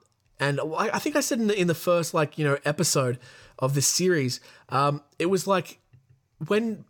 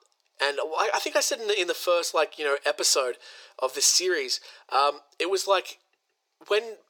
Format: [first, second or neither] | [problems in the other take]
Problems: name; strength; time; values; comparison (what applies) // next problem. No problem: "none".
first | thin; very; fading below 400 Hz